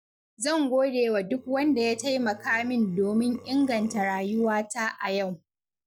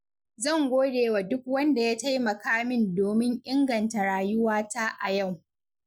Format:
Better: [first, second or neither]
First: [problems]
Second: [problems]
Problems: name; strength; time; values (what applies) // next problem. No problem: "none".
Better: second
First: noise reduction (neural mask model DeepFilterNet 3)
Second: none